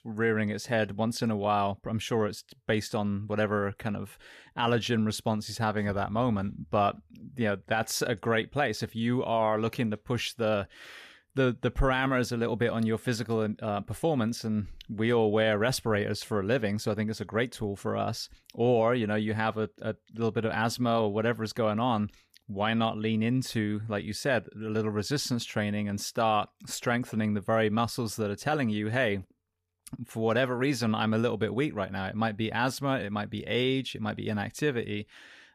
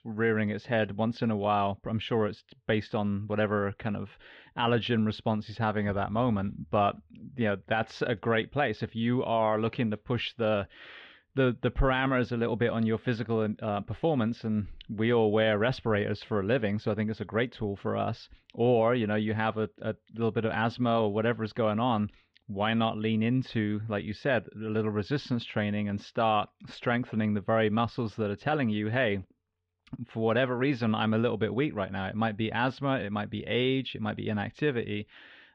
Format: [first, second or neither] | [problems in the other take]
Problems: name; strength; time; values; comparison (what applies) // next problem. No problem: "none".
first | muffled; slightly; fading above 3.5 kHz